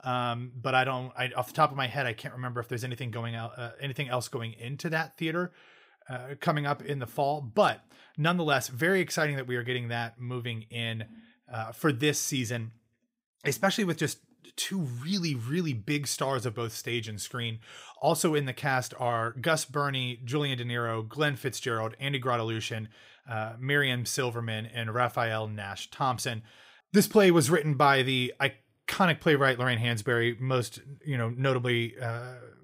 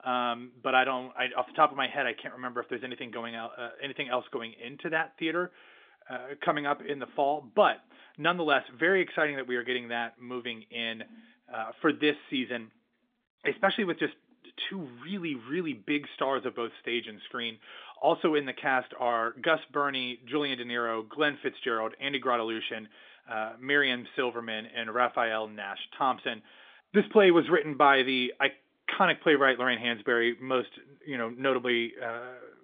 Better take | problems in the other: first | phone-call audio; nothing above 3.5 kHz

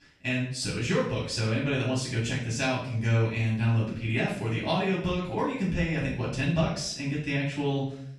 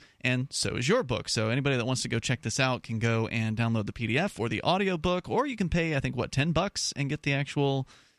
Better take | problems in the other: second | off-mic speech; far // room echo; noticeable; dies away in 0.5 s

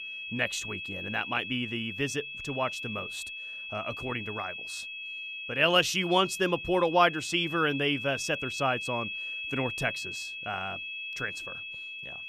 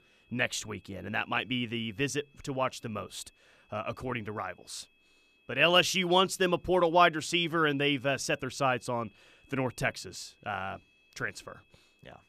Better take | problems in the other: second | high-pitched whine; loud; throughout; 2.5 kHz, 6 dB below the speech; faint in the second

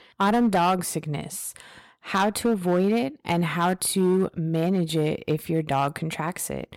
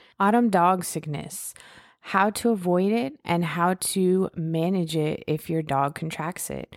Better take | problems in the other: second | distortion; slight; 5% of the sound clipped

